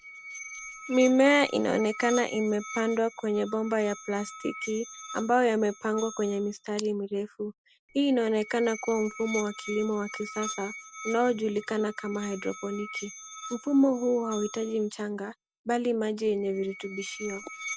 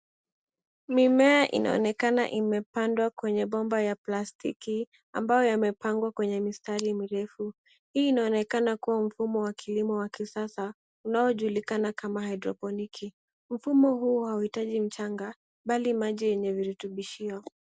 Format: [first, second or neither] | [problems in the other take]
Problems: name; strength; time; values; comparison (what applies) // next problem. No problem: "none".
second | background sound (Musical instrument); 14 dB below the speech